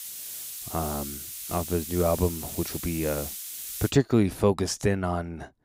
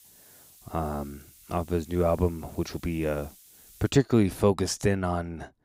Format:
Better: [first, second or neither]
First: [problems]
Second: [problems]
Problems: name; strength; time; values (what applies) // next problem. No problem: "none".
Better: second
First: hiss; loud; until 4 s; 7 dB below the speech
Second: hiss; faint; until 4 s; 25 dB below the speech